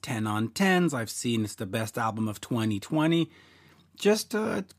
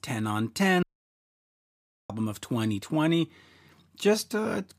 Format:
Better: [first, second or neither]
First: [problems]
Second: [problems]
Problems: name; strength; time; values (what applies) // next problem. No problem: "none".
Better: first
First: none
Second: audio cutting out; at 1 s for 1.5 s